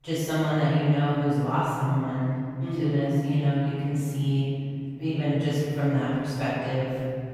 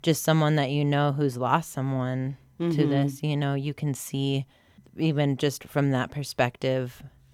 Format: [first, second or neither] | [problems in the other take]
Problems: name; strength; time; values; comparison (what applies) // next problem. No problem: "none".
second | off-mic speech; far // room echo; strong; dies away in 2.7 s